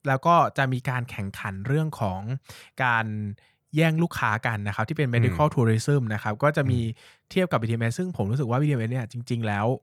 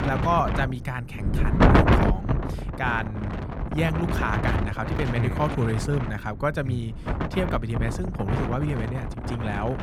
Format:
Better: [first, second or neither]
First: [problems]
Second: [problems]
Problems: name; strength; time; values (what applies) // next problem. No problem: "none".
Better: first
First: none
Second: wind noise on the microphone; heavy; 1 dB below the speech